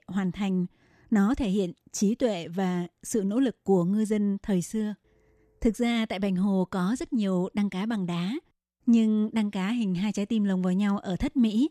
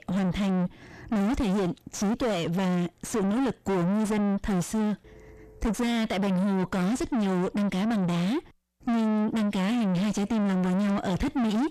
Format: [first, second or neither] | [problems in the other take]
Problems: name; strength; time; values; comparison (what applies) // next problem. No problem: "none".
first | distortion; heavy; 6 dB below the speech